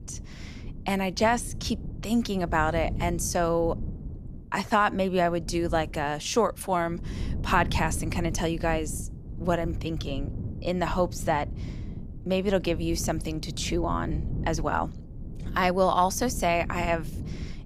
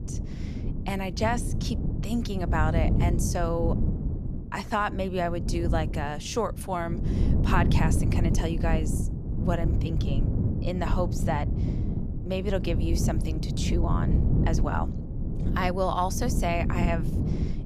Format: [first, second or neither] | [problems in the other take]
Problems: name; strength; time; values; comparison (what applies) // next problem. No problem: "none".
first | wind noise on the microphone; heavy; 8 dB below the speech; occasional gusts in the first